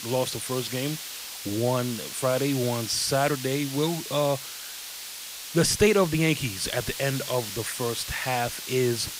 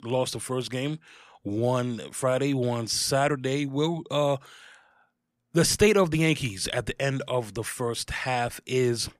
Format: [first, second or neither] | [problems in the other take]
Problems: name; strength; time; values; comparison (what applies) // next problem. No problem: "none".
second | hiss; loud; throughout; 8 dB below the speech